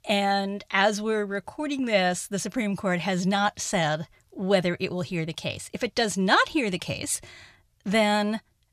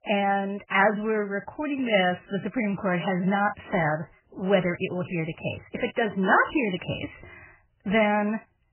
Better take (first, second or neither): first